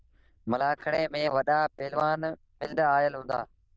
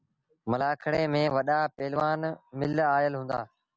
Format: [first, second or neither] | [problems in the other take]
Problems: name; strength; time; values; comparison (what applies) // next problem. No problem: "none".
second | noise reduction (neural diffusion model UNIVERSE++)